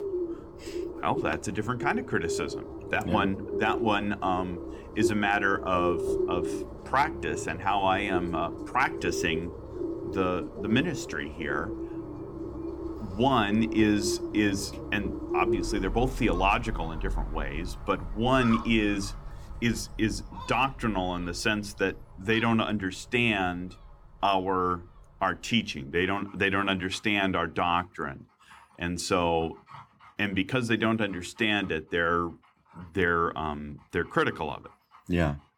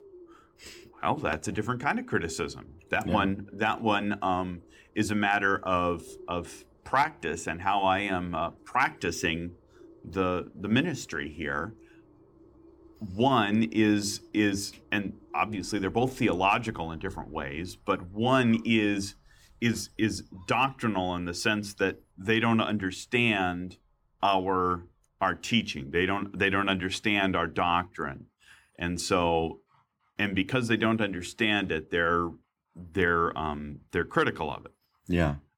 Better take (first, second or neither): second